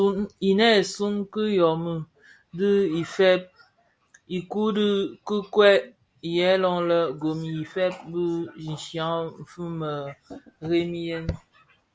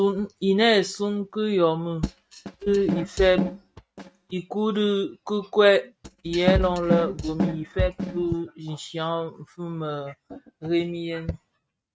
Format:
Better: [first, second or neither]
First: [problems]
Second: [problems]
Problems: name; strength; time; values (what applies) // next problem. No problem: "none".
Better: first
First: none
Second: noise reduction (neural mask model RNNoise)